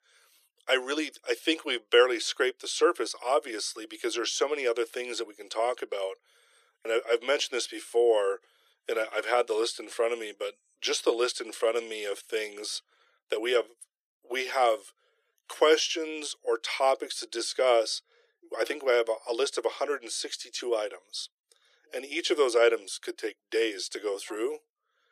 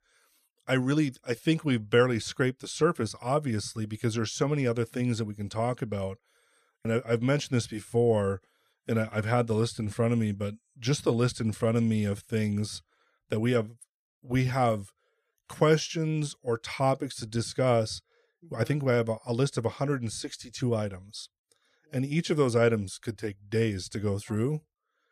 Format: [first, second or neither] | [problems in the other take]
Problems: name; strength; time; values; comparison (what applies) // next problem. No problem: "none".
second | thin; very; fading below 350 Hz